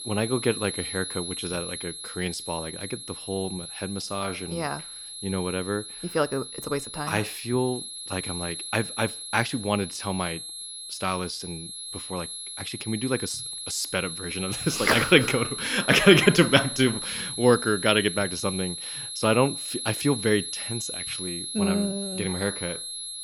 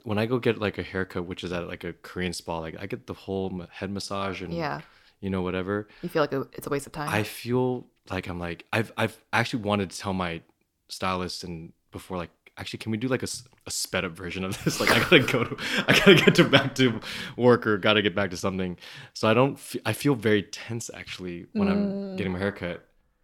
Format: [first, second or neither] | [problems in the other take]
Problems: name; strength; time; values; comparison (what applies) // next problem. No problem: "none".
second | high-pitched whine; loud; throughout; 11 kHz, 7 dB below the speech